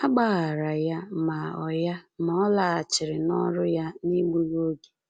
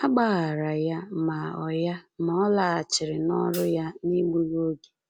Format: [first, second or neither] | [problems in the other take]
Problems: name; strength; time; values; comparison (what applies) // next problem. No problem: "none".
first | background sound (Hi-hat); 18 dB below the speech